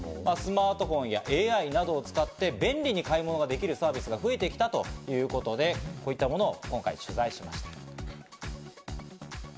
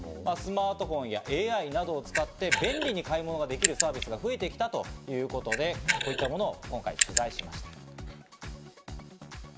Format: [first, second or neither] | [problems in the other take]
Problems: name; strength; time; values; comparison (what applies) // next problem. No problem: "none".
first | background sound (Camera); as loud as the speech